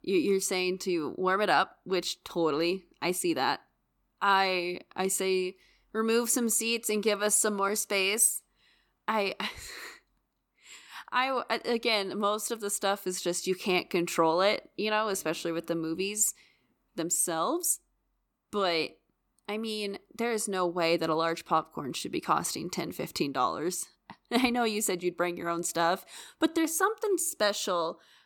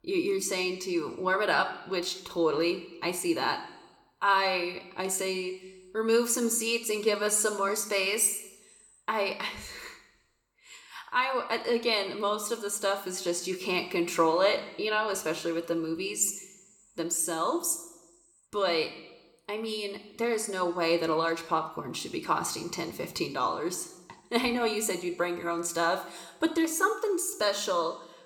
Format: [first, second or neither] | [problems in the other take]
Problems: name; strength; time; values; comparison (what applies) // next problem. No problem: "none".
first | room echo; very slight; dies away in 0.8 s